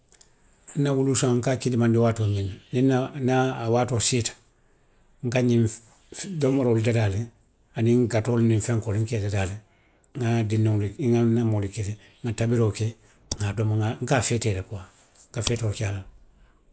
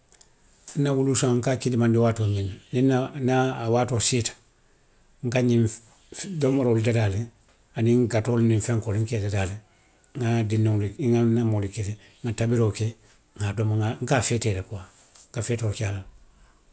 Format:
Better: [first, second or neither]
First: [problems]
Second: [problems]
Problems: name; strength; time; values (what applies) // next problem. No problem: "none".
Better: second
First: noise reduction (neural mask model Resemble Enhance denoiser)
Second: none